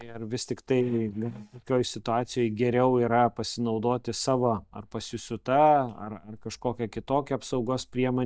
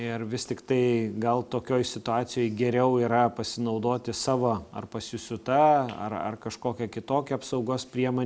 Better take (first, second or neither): second